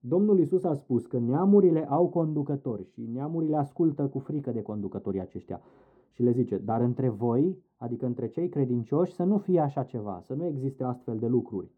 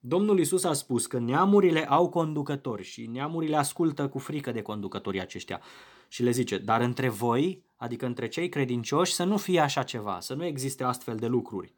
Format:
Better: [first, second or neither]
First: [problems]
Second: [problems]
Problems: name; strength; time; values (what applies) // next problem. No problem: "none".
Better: second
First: muffled; very; fading above 1.5 kHz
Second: none